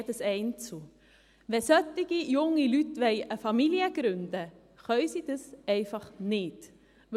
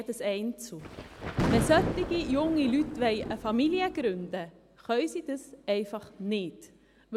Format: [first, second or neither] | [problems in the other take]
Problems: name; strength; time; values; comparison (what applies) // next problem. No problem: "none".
first | background sound (Thunder); 4 dB below the speech